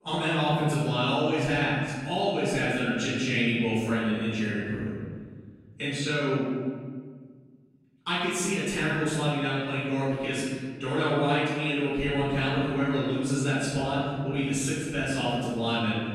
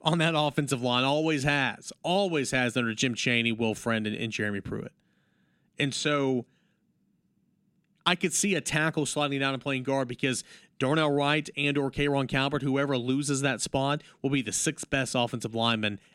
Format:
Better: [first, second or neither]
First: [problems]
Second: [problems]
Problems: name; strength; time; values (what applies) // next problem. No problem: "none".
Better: second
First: off-mic speech; far // room echo; strong; dies away in 1.8 s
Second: none